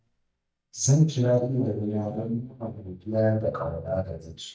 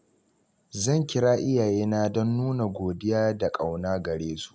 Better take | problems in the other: second | noise reduction (neural mask model DeepFilterNet 3)

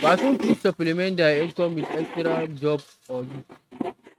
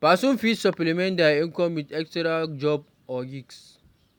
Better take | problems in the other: second | noise reduction (neural mask model RNNoise)

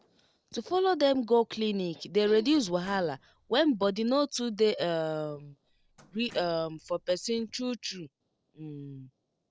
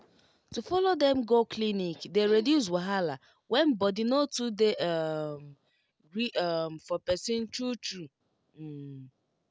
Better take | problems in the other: second | noise reduction (neural separator model SepFormer DNS4)

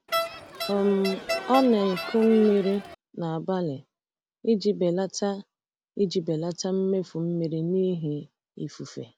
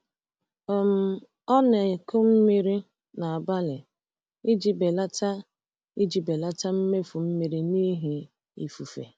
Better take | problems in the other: second | background sound (Crowd); 6 dB below the speech

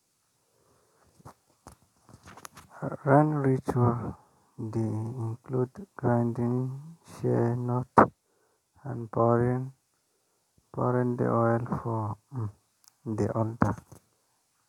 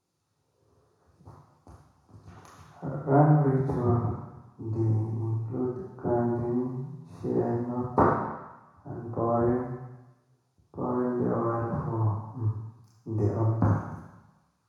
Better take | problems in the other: first | room echo; dies away in 1 s

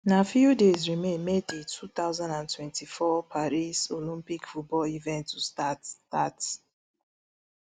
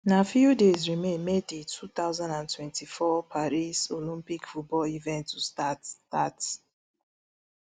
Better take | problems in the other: second | background sound (Chink, clink); 16 dB below the speech

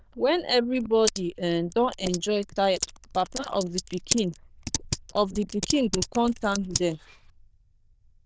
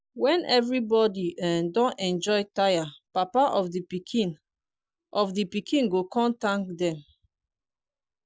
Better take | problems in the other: second | noise reduction (neural diffusion model UNIVERSE++)

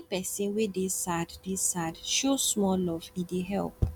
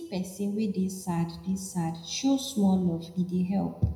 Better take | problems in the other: first | room echo; dies away in 0.8 s

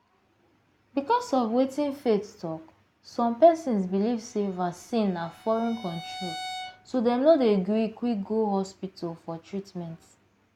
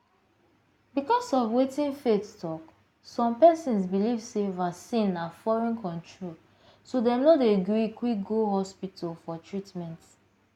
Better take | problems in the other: second | background sound (Bowed string instrument); 15 dB below the speech

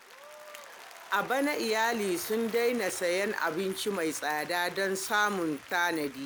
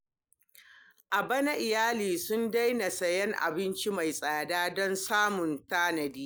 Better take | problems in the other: second | background sound (Applause); 16 dB below the speech

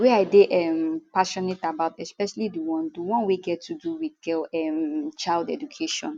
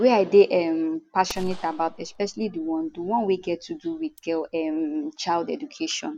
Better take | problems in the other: first | background sound (Gunshot, gunfire); 17 dB below the speech

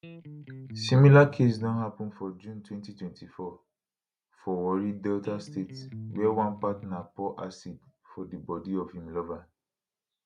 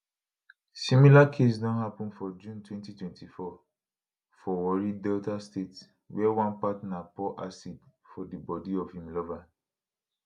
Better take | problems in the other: second | background sound (Electric guitar); 14 dB below the speech

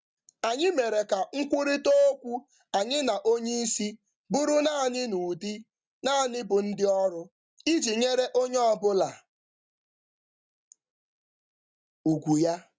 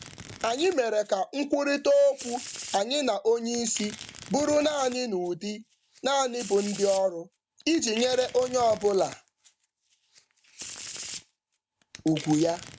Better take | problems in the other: first | background sound (Domestic sounds, home sounds); 16 dB below the speech

